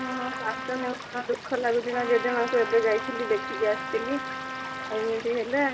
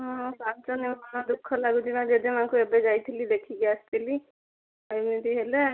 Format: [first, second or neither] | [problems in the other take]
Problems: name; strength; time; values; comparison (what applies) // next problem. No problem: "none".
second | background sound (Trumpet + Stream / Liquid); 7 dB below the speech